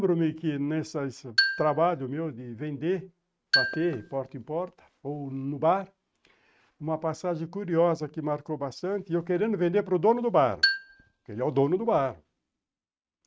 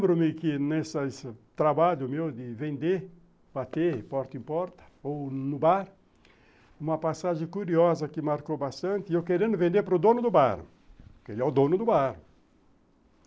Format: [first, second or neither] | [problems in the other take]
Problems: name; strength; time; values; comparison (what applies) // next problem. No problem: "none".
second | noise reduction (neural mask model RNNoise)